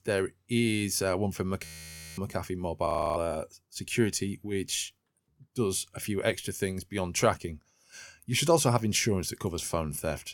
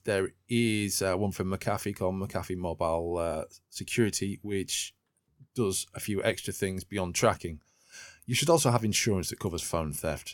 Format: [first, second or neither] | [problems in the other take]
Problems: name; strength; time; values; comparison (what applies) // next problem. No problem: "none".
second | audio freezing; at 1.5 s for 0.5 s and at 3 s